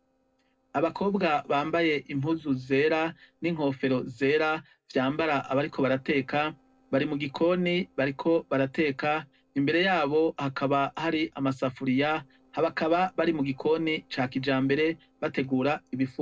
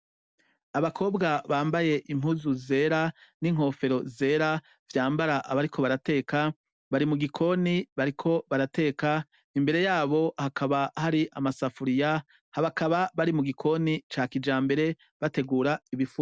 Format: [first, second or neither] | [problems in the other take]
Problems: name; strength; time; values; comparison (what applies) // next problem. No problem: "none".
second | noise reduction (neural separator model SepFormer DNS4)